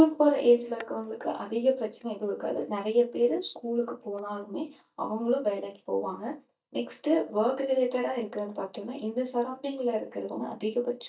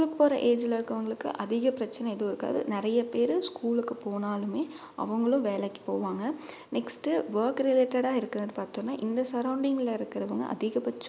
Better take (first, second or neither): second